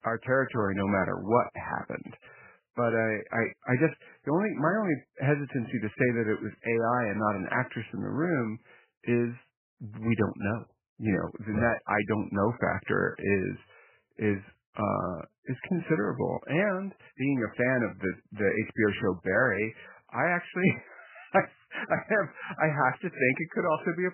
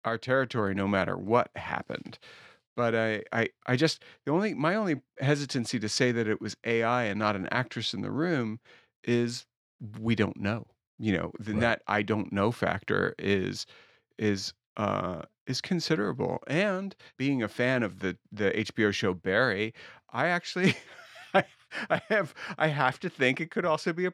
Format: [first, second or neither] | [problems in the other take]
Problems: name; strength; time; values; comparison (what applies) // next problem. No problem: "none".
second | garbled, watery; badly; nothing above 2.5 kHz